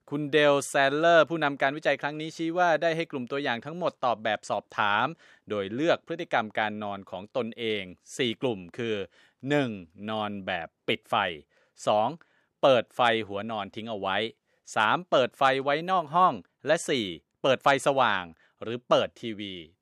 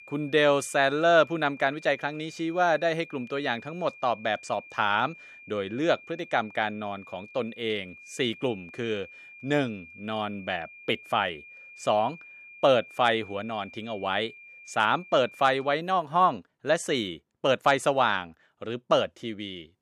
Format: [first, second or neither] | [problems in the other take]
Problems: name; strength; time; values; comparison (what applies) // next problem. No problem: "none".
first | high-pitched whine; noticeable; until 16 s; 2.5 kHz, 20 dB below the speech